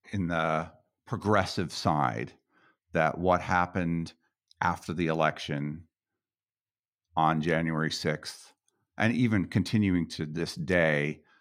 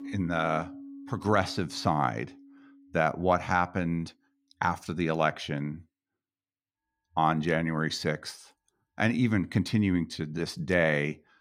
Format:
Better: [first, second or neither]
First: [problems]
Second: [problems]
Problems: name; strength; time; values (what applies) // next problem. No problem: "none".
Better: first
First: none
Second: background music; noticeable; throughout; 20 dB below the speech